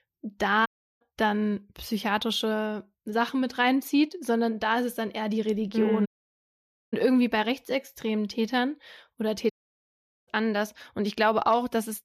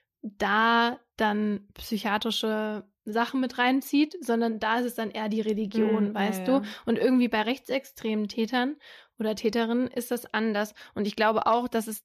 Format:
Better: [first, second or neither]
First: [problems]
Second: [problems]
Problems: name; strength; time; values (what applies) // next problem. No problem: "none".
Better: second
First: audio cutting out; at 0.5 s, at 6 s for 1 s and at 9.5 s for 1 s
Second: none